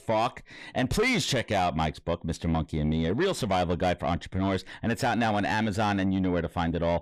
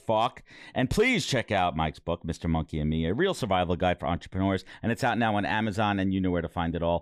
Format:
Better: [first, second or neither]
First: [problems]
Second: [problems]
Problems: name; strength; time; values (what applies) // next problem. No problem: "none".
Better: second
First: distortion; slight; 10 dB below the speech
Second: none